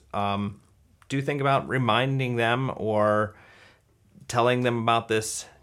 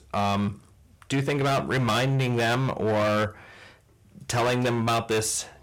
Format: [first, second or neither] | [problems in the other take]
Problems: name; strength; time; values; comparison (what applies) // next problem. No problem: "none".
first | distortion; heavy; 19% of the sound clipped